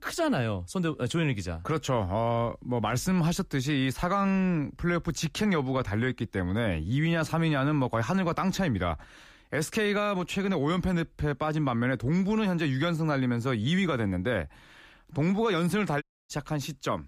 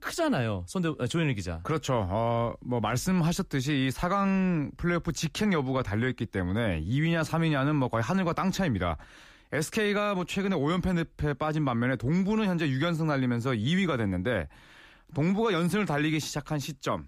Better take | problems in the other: second | audio cutting out; at 16 s

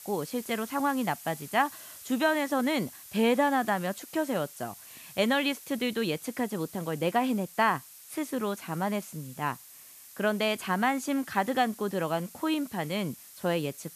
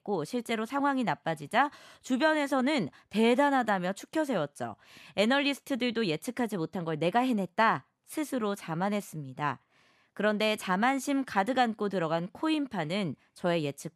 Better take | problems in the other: second | hiss; noticeable; throughout; 15 dB below the speech

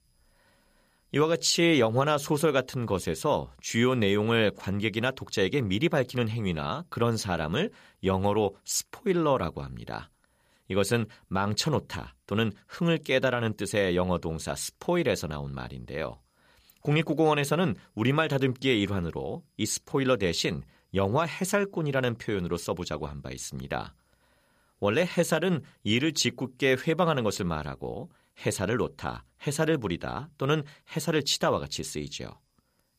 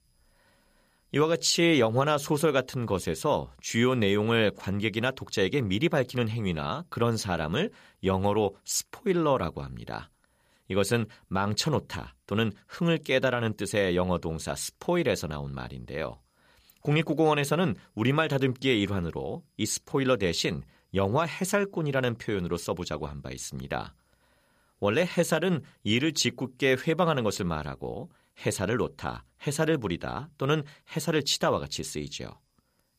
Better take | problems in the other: neither | none

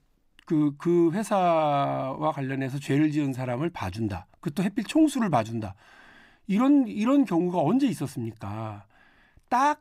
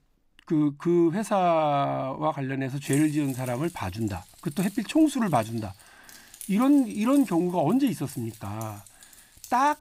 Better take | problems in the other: first | jangling keys; faint; from 3 s on; peak 10 dB below the speech

